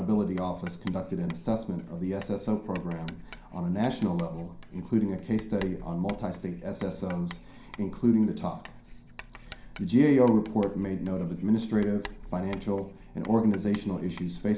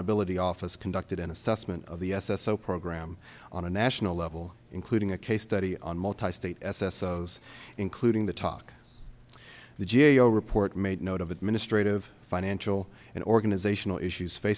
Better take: second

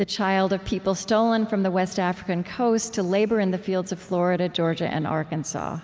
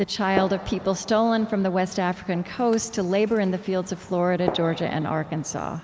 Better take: first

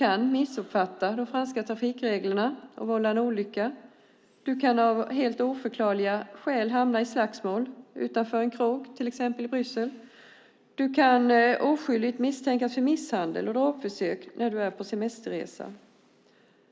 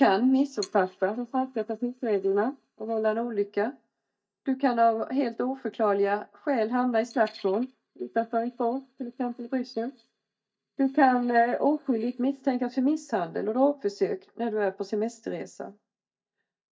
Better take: first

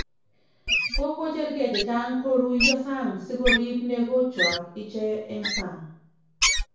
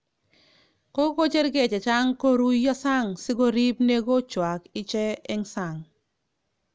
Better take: second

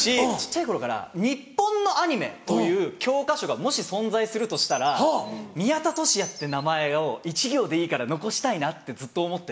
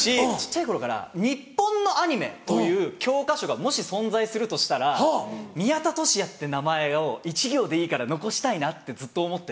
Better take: second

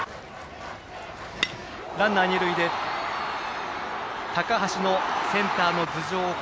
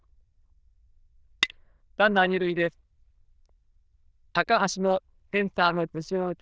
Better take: first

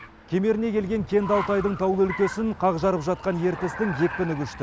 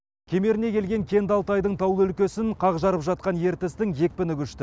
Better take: second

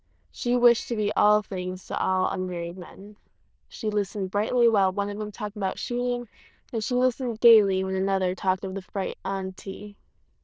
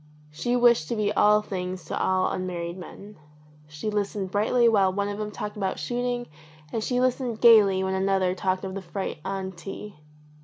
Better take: second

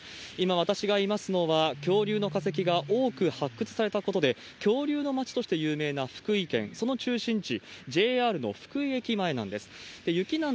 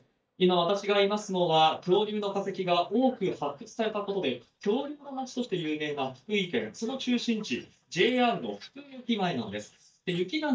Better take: first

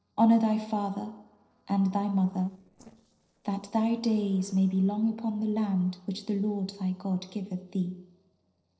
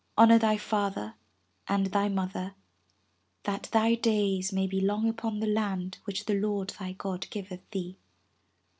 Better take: second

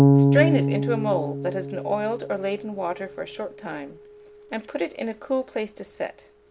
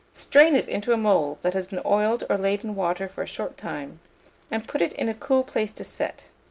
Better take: second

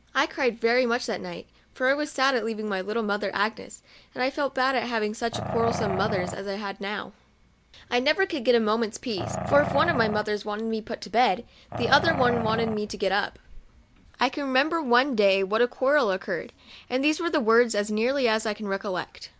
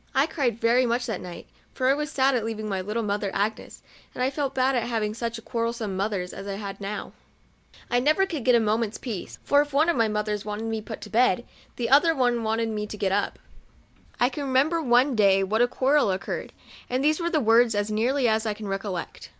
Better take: second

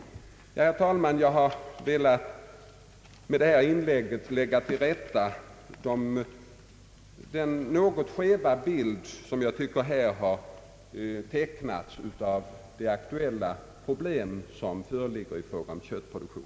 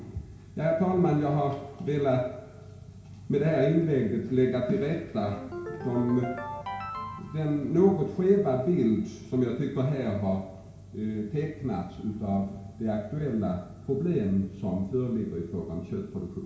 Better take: first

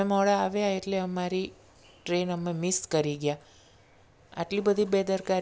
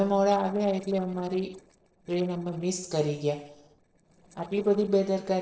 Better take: first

